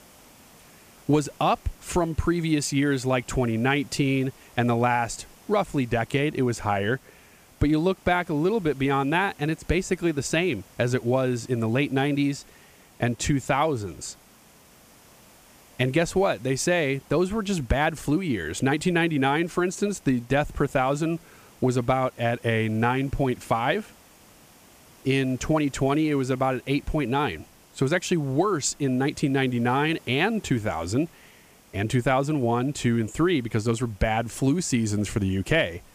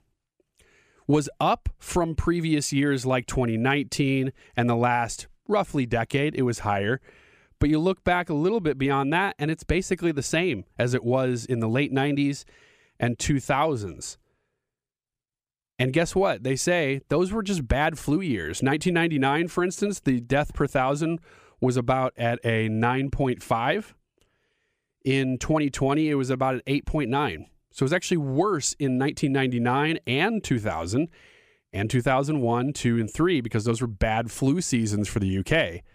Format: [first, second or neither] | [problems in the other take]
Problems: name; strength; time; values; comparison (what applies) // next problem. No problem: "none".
second | hiss; faint; throughout; 25 dB below the speech